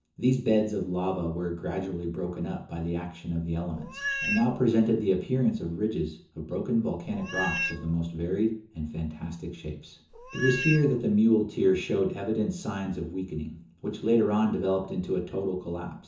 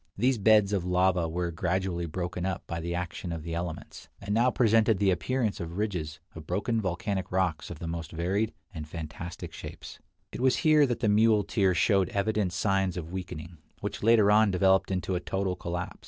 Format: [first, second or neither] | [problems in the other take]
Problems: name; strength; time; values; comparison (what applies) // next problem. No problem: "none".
second | background sound (Meow); 5 dB below the speech // room echo; dies away in 0.6 s